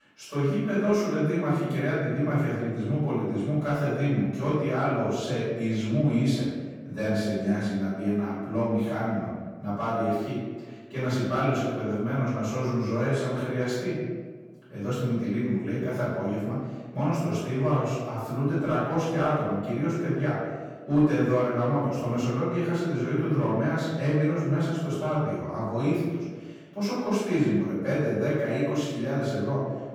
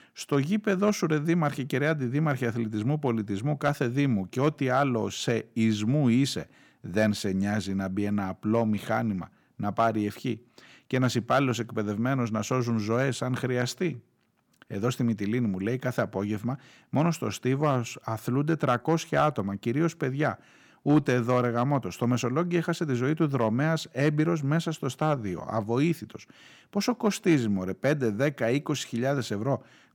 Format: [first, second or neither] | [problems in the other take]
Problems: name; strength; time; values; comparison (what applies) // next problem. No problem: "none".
second | room echo; strong; dies away in 1.4 s // off-mic speech; far